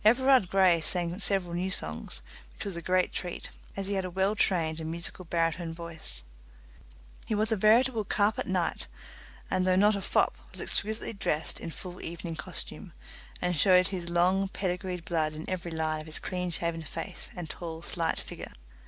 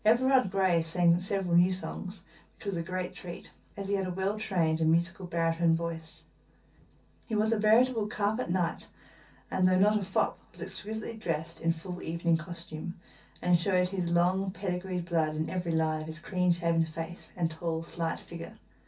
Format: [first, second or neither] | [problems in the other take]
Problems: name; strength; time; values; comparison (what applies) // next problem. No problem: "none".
first | room echo; dies away in 0.3 s